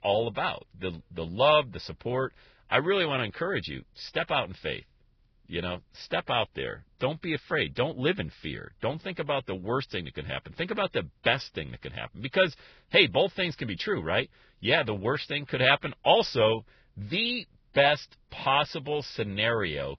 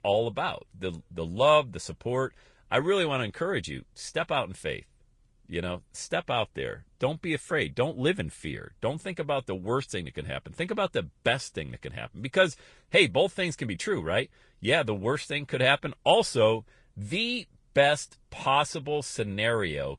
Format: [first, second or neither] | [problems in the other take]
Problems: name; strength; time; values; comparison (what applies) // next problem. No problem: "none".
second | garbled, watery; badly; nothing above 5.5 kHz; slightly in the second